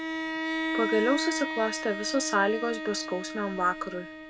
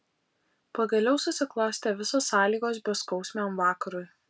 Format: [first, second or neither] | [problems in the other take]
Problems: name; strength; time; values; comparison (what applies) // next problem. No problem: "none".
second | background sound (Bowed string instrument); 4 dB below the speech